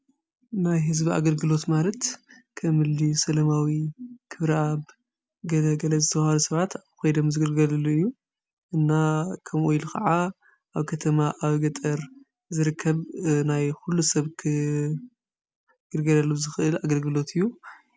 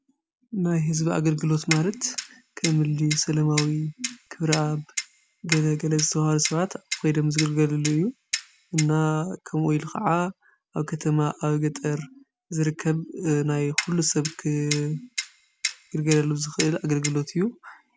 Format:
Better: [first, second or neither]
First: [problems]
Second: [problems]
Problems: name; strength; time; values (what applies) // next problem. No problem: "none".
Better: first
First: none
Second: background sound (Clock); 9 dB below the speech